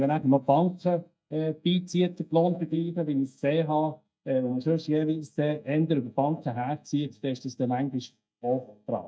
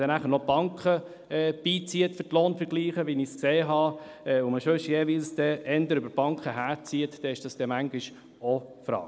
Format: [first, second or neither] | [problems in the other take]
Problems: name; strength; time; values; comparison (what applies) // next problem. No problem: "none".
second | noise reduction (neural mask model DeepFilterNet 3)